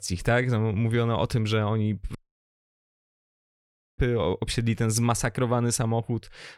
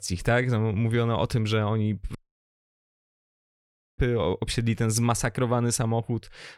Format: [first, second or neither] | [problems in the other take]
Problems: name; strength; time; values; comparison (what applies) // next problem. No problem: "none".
neither | audio cutting out; at 2 s for 2 s; the same in both